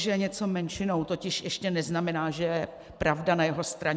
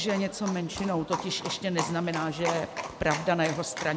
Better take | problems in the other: first | background sound (Livestock, farm animals, working animals); 8 dB below the speech

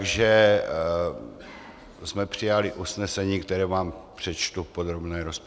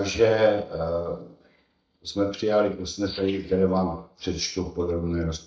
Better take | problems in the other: first | noise reduction (neural mask model DeepFilterNet 3)

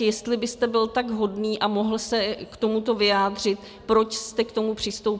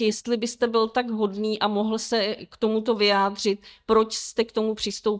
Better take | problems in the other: first | noise reduction (neural mask model DeepFilterNet 3)

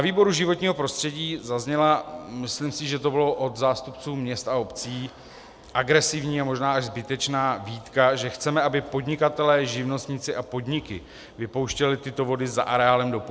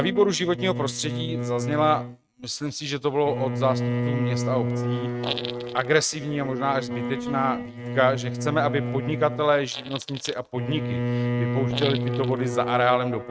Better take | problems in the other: first | noise reduction (neural mask model RNNoise)

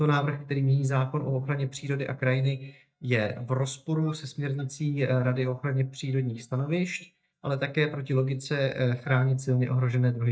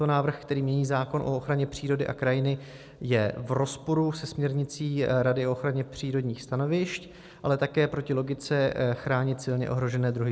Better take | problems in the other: second | noise reduction (neural mask model DeepFilterNet 3)

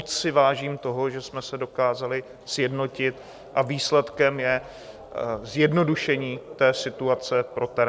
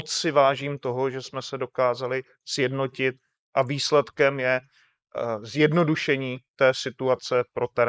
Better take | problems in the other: first | noise reduction (neural mask model Resemble Enhance denoiser)

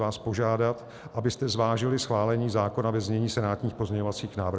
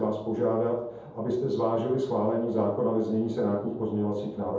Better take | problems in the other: first | room echo; dies away in 0.7 s

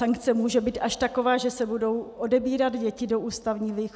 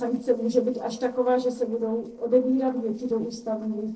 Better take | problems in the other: first | noise reduction (neural separator model SepFormer DNS4)

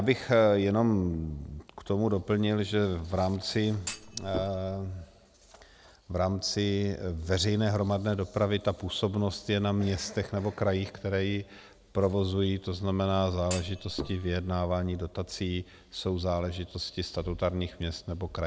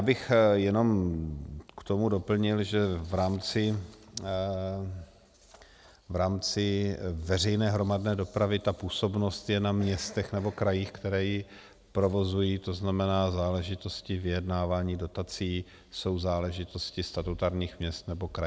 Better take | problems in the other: second | background sound (Thump, thud); 11 dB below the speech

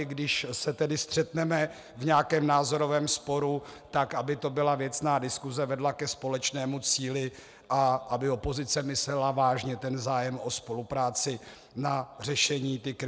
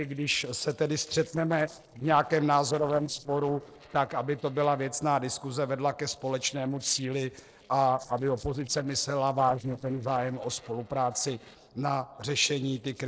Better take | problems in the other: first | noise reduction (neural separator model SepFormer DNS4)

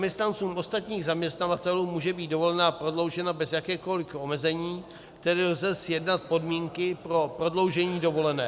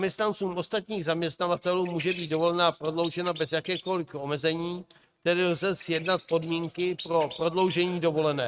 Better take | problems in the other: first | noise reduction (neural mask model RNNoise)

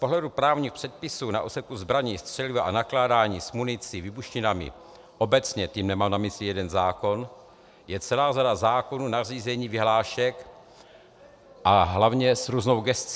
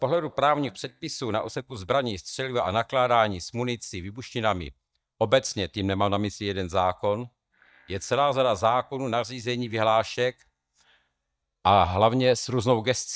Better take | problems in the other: first | noise reduction (neural mask model DeepFilterNet 3)

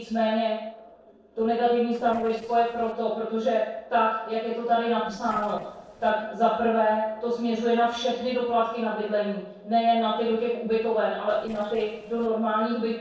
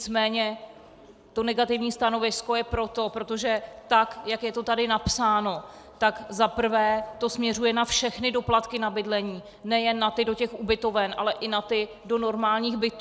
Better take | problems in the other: second | noise reduction (neural separator model SepFormer DNS4)

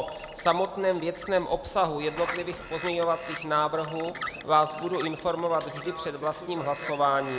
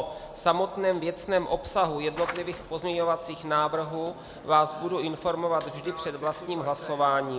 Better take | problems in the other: second | background sound (Bird); 14 dB below the speech

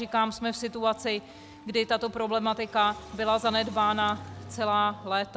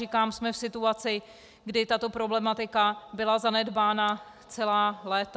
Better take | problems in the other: second | background sound (Wind instrument, woodwind instrument + Car); 18 dB below the speech

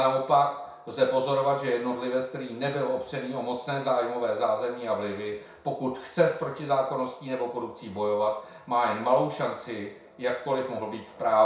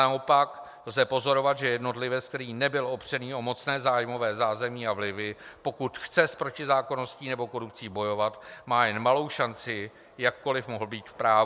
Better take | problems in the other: second | room echo; dies away in 0.6 s

